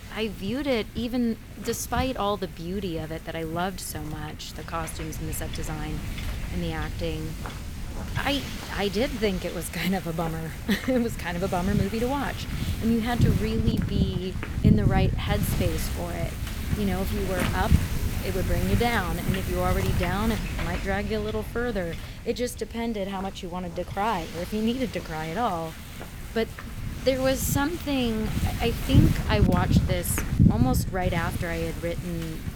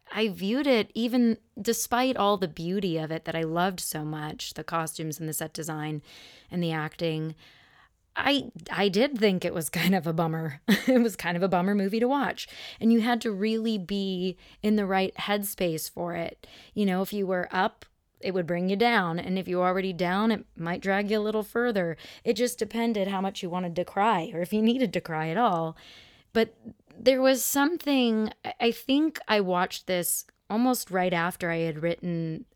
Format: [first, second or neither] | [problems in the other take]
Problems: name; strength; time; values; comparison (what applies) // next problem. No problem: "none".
second | wind noise on the microphone; heavy; 7 dB below the speech